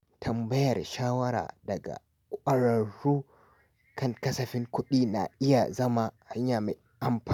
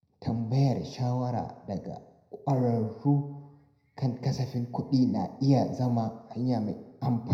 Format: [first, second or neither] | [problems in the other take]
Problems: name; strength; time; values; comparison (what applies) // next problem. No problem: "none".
first | room echo; dies away in 0.7 s